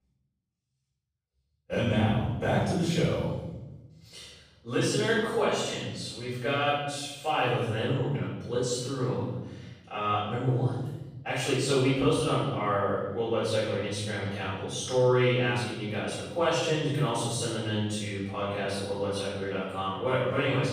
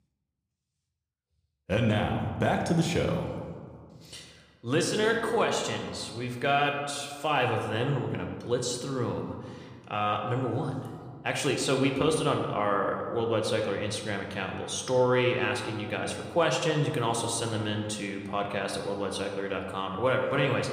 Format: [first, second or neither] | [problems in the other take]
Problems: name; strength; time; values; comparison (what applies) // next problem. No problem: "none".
second | room echo; strong; dies away in 1 s; slight in the second // off-mic speech; far